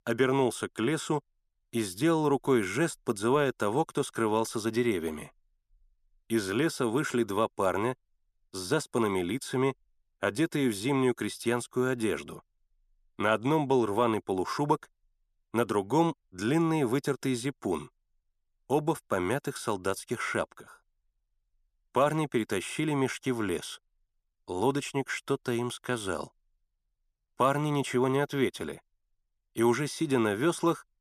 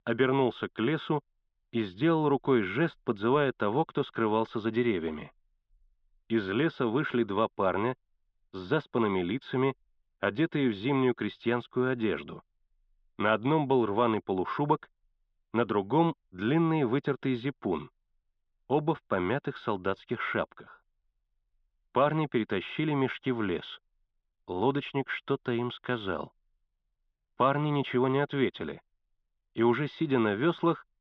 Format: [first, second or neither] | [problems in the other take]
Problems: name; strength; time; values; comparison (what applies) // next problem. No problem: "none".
first | muffled; very; fading above 3.5 kHz